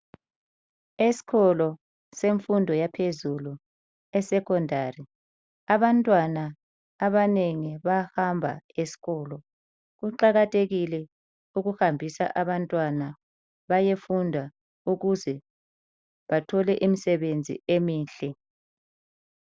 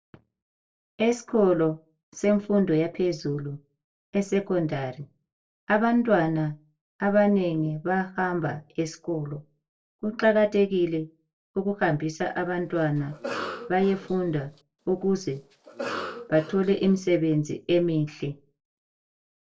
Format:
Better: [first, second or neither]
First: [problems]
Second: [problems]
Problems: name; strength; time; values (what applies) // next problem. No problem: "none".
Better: first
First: none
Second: noise reduction (neural separator model SepFormer DNS4)